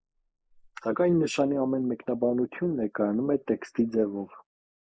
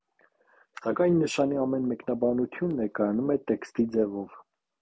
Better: second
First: noise reduction (neural mask model Resemble Enhance denoiser)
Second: none

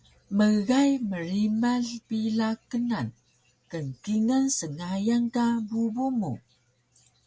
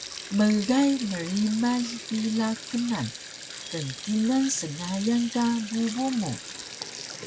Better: first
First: none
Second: background sound (Sink (filling or washing)); 12 dB below the speech

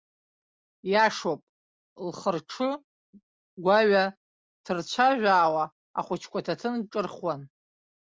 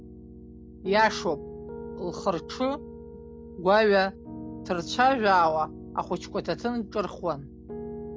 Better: first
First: none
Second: background sound (Piano); 13 dB below the speech

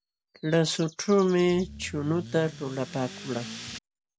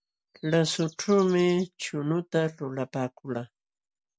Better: second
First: background sound (Accelerating, revving, vroom / Car); 14 dB below the speech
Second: none

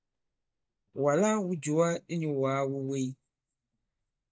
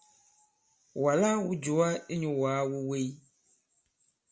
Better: second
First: noise reduction (neural mask model DeepFilterNet 3)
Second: none

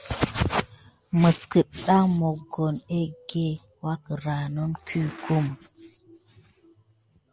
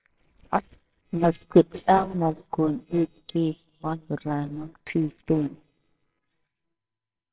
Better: first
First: none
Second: noise reduction (neural separator model SepFormer WHAMR!)

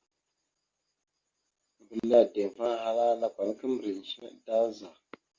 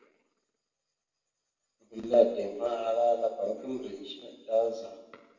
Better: first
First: none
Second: room echo; dies away in 1.1 s

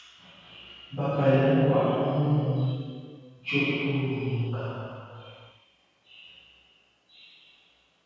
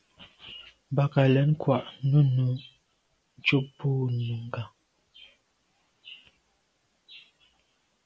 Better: second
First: room echo; dies away in 2.2 s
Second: none

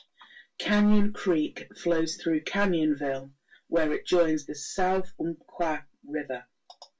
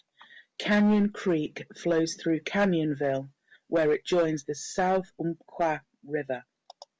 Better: second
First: room echo; dies away in 0.2 s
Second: none

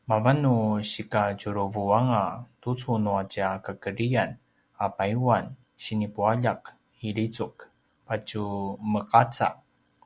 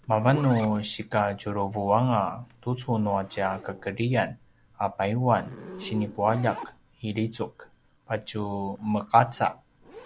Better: first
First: none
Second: background sound (Zipper (clothing)); 19 dB below the speech

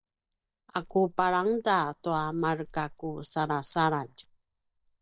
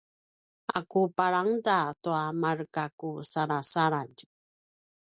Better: second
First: noise reduction (neural mask model DeepFilterNet 3)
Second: none

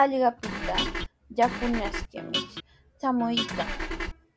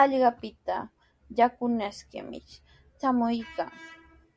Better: second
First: background sound (Guitar + Engine / Car); 2 dB below the speech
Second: none

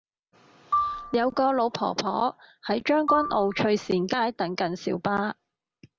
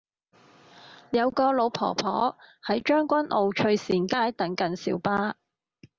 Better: second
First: background sound (Marimba, xylophone); 7 dB below the speech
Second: none

